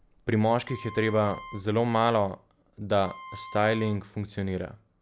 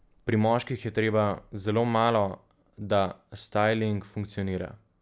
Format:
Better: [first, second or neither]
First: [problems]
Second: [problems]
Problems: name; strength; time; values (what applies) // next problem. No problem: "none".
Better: second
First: background sound (Wind instrument, woodwind instrument); 18 dB below the speech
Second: none